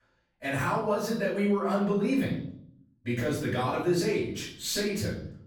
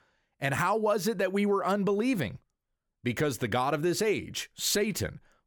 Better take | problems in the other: second | off-mic speech; far // room echo; noticeable; dies away in 0.6 s

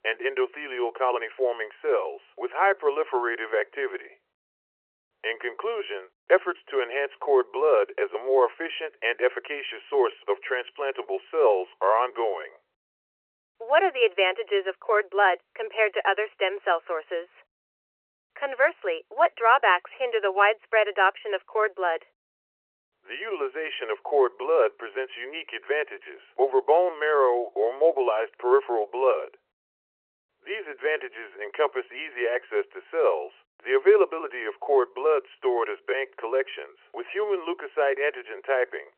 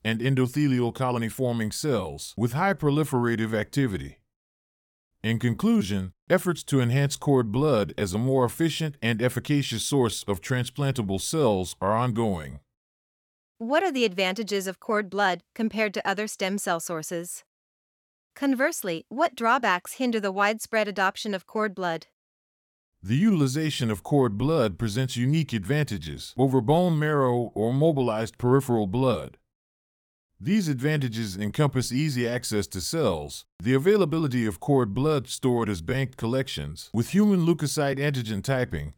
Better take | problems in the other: second | phone-call audio; nothing above 3 kHz

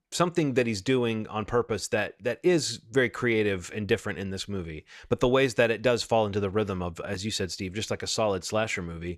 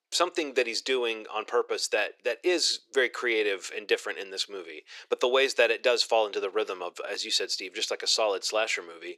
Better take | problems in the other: first | thin; very; fading below 350 Hz

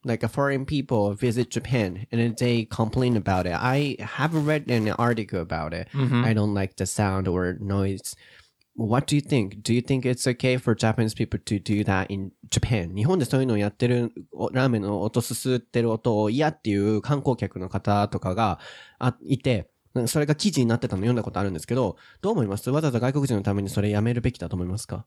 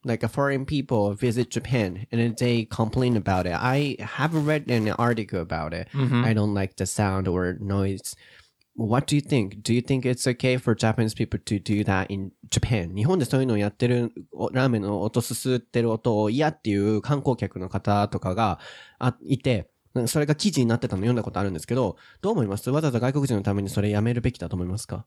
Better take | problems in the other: neither | none

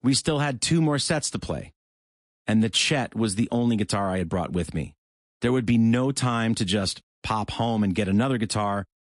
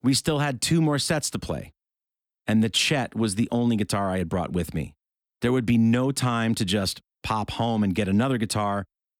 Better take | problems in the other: second | garbled, watery; slightly; nothing above 10 kHz

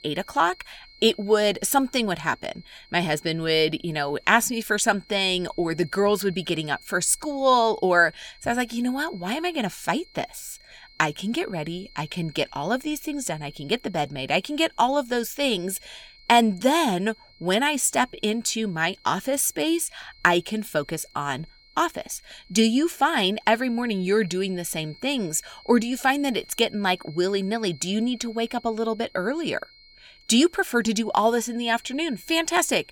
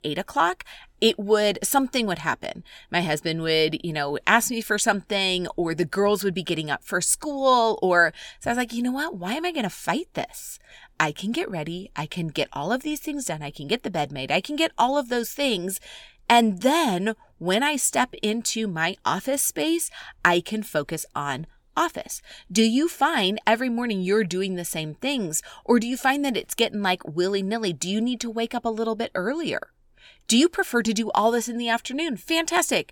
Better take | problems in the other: second | high-pitched whine; faint; throughout; 4 kHz, 25 dB below the speech

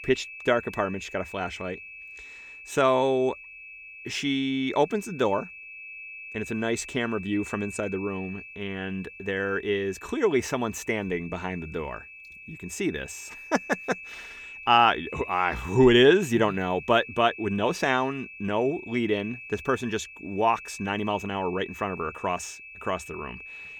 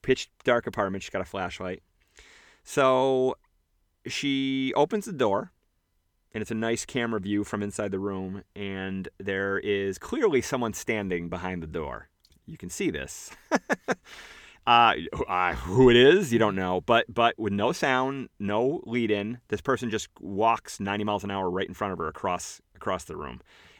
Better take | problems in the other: second | high-pitched whine; noticeable; throughout; 2.5 kHz, 15 dB below the speech

